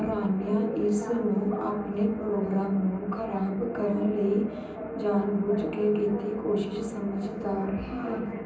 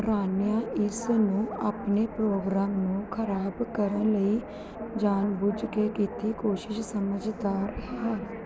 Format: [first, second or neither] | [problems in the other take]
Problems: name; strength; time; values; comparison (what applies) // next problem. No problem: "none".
second | room echo; dies away in 0.6 s